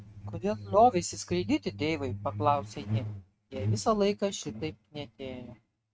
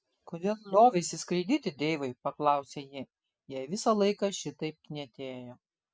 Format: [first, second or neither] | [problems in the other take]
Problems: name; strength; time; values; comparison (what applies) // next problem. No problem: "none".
second | noise reduction (neural mask model RNNoise)